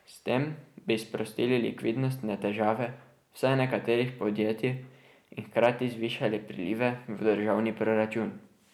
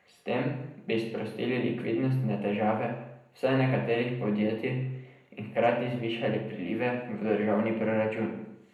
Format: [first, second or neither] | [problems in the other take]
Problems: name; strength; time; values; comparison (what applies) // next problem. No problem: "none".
first | room echo; dies away in 0.7 s